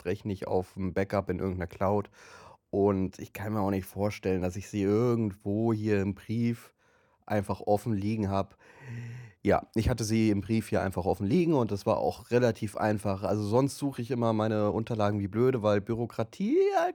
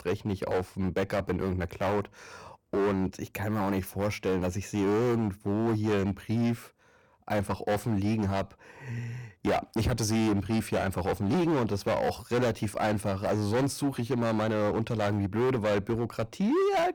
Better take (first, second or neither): first